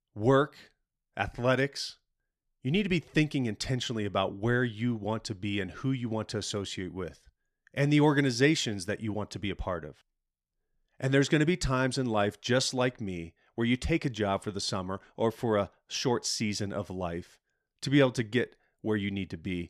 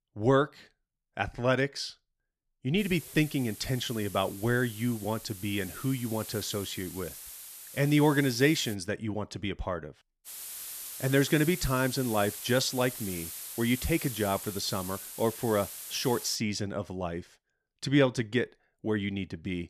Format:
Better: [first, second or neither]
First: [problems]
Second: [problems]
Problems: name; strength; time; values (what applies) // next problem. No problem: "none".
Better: first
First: none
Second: hiss; noticeable; from 3 to 8.5 s and from 10 to 16 s; 10 dB below the speech